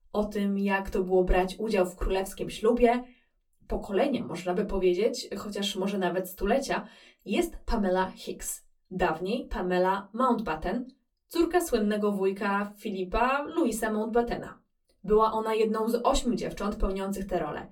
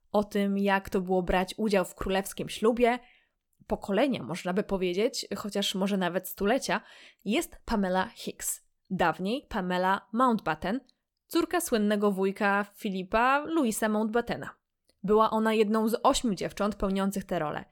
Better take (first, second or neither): second